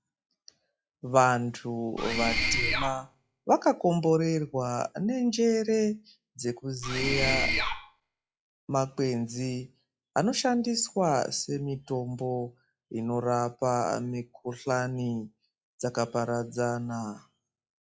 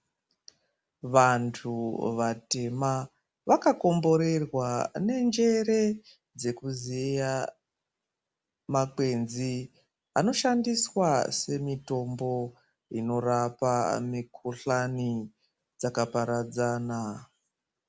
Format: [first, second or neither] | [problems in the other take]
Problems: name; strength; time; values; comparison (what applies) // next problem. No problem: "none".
second | noise reduction (classical method log-MMSE)